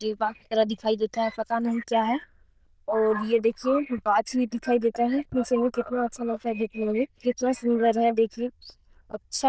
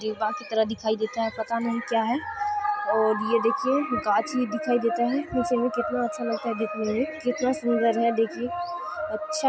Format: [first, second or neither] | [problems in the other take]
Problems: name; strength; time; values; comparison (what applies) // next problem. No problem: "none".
second | noise reduction (neural diffusion model UNIVERSE++)